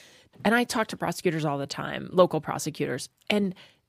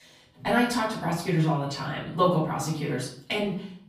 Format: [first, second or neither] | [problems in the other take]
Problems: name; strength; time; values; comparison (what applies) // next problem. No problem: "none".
first | off-mic speech; far // room echo; noticeable; dies away in 0.5 s